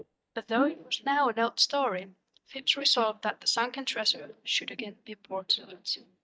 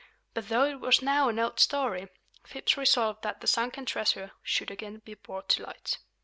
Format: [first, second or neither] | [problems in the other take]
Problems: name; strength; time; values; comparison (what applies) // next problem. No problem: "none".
second | noise reduction (neural mask model DeepFilterNet 3)